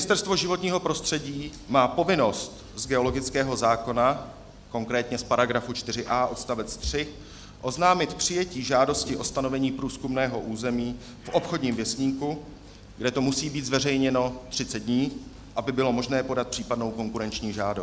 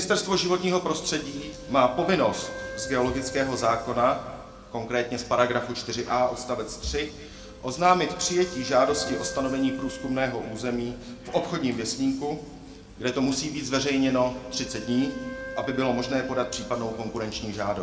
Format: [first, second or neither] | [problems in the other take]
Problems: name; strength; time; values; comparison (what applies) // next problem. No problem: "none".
first | background sound (Wind instrument, woodwind instrument); 16 dB below the speech // room echo; dies away in 1.8 s